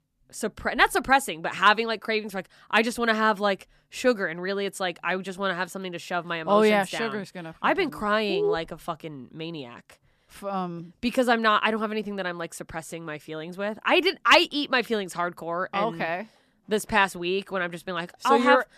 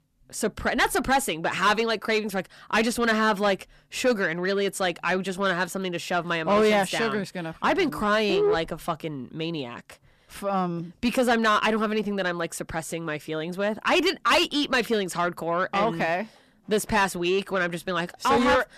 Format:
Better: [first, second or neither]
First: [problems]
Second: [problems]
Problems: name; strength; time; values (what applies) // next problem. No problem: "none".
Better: first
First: none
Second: distortion; heavy; 8 dB below the speech